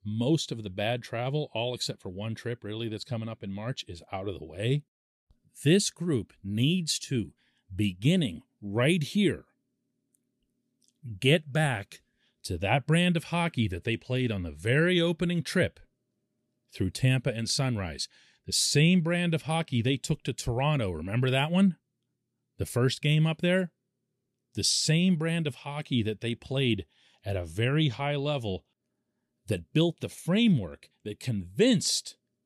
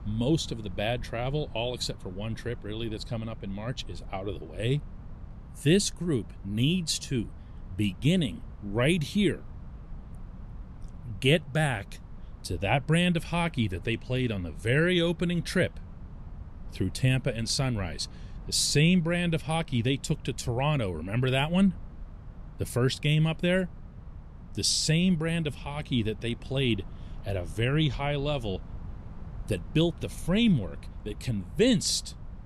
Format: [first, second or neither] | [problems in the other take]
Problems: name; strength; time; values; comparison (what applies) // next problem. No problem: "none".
first | low rumble; faint; throughout; 25 dB below the speech